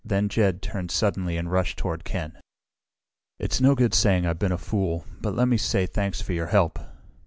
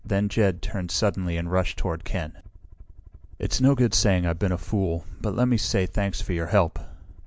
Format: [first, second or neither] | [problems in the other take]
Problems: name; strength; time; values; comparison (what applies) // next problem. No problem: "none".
first | background sound (Aircraft); 19 dB below the speech